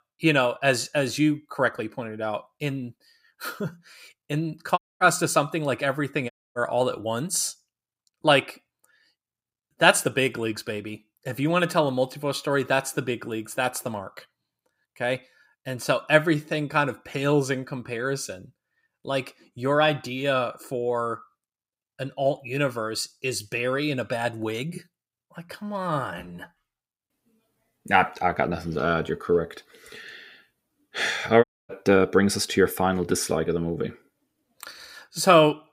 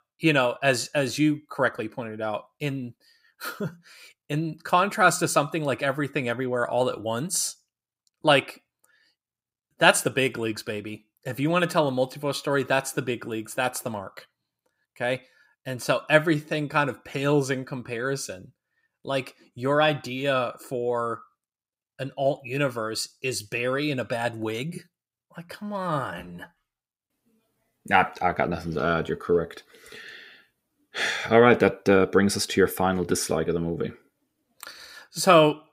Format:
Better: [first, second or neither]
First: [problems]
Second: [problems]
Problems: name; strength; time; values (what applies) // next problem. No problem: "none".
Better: second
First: audio cutting out; at 5 s, at 6.5 s and at 31 s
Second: none